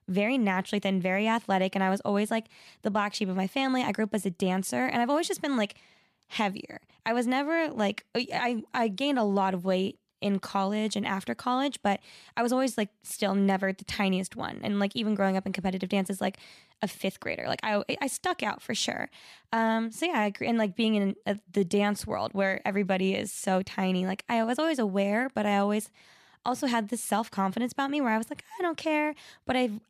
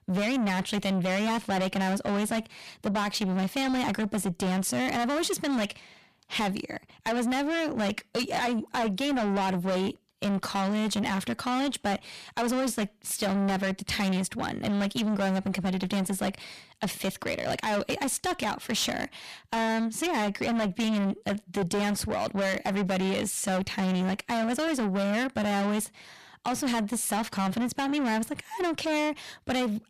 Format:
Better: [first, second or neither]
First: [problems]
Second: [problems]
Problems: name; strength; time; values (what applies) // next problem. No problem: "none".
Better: first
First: none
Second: distortion; heavy; 7 dB below the speech